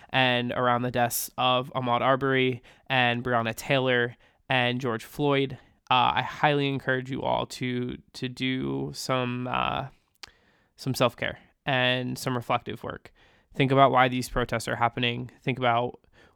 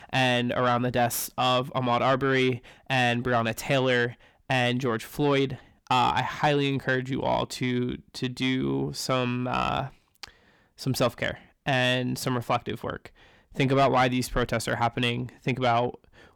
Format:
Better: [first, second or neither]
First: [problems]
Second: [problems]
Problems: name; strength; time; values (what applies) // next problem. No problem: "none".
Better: first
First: none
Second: distortion; slight; 10 dB below the speech